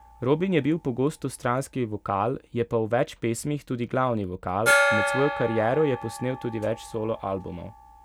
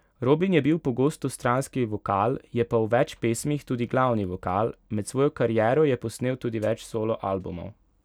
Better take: second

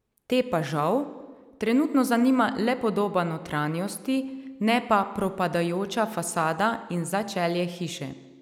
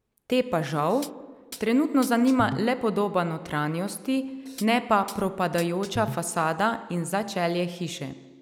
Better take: first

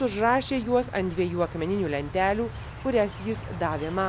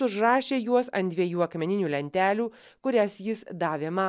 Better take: second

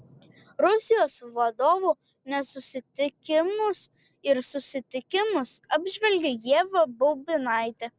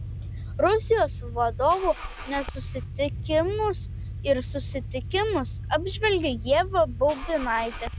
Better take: first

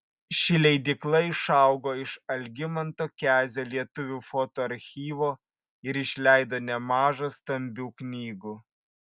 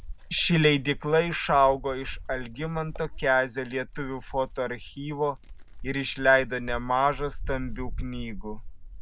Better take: first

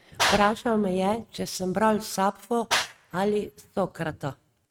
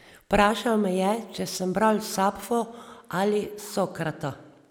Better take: second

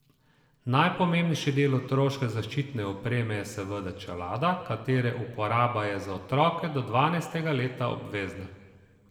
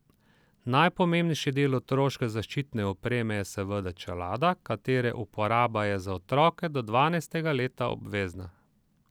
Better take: second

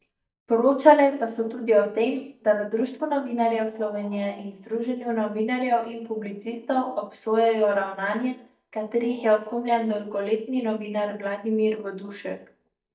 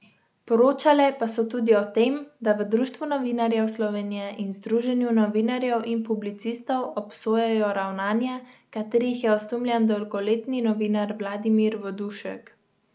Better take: second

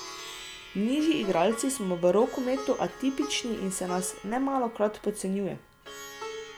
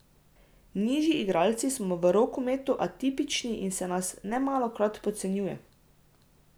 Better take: second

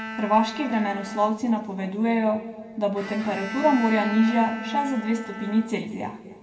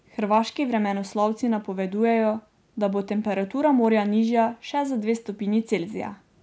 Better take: second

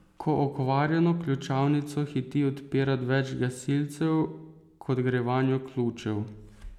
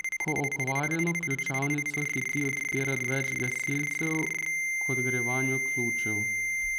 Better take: first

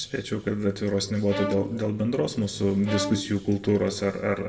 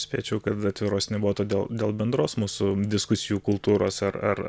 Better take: second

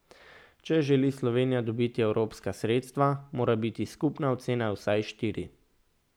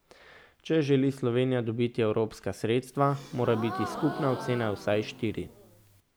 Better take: first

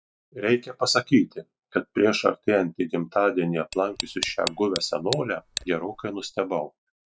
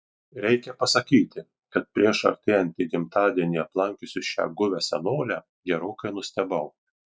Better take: second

